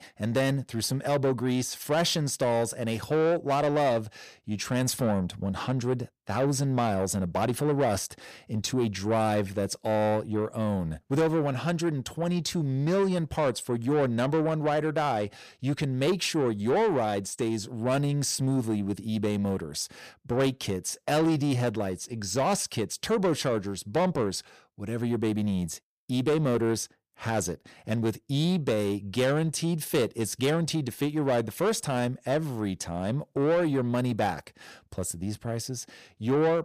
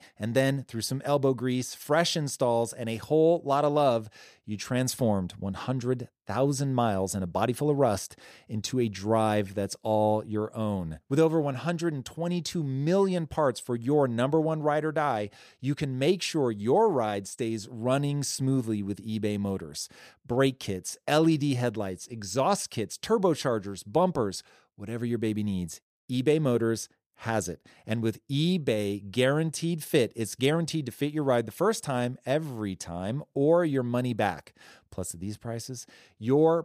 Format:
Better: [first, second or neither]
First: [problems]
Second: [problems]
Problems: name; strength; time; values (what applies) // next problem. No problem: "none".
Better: second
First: distortion; slight; 10 dB below the speech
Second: none